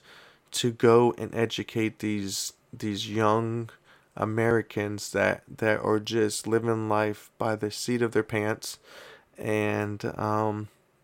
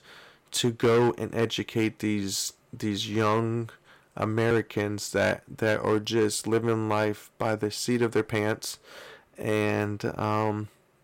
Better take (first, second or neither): first